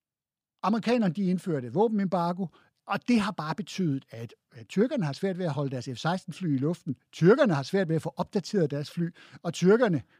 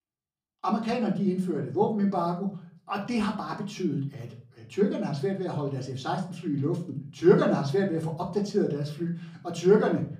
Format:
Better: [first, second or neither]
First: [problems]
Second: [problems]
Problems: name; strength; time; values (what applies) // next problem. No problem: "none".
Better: first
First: none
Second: off-mic speech; far // room echo; slight; dies away in 0.4 s